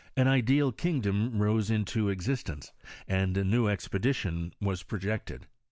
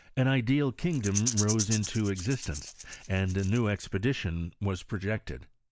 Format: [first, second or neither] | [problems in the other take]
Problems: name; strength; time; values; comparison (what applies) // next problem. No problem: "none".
first | noise reduction (neural mask model Resemble Enhance denoiser)